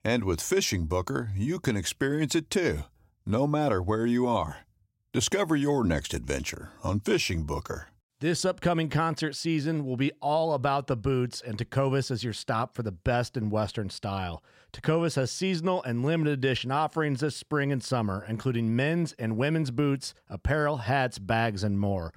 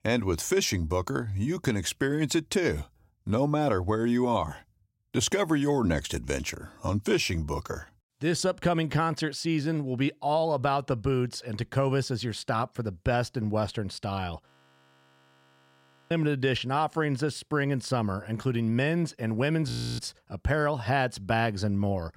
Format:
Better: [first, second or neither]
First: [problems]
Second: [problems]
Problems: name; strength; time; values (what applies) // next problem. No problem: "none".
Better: first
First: none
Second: audio freezing; at 14 s for 1.5 s and at 20 s